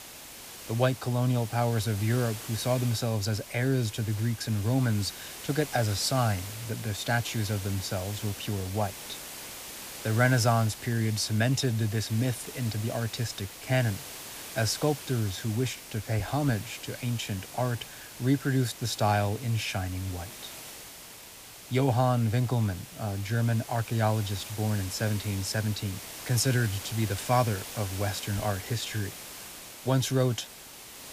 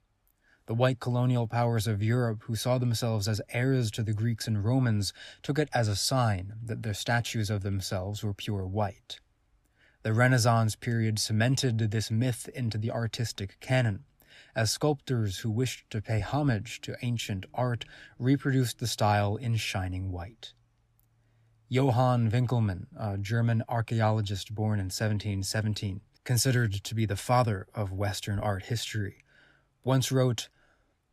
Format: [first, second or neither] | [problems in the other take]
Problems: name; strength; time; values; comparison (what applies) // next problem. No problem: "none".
second | hiss; noticeable; throughout; 10 dB below the speech